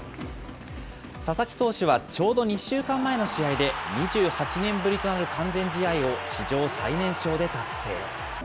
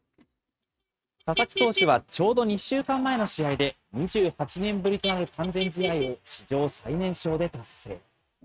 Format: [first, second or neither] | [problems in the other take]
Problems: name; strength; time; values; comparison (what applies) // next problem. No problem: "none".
first | noise reduction (neural mask model RNNoise)